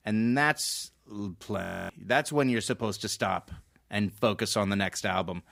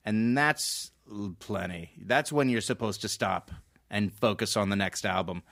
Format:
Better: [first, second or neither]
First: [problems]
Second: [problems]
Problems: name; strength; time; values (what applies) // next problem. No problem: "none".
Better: second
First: audio freezing; at 1.5 s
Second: none